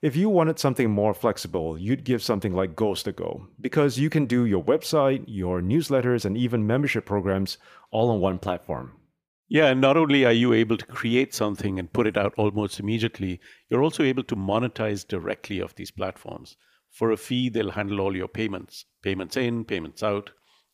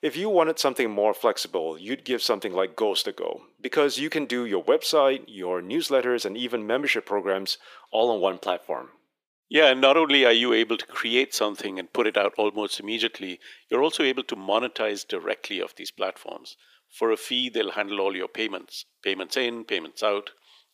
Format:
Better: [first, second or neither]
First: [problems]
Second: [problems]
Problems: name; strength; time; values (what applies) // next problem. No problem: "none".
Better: first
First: none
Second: thin; somewhat; fading below 350 Hz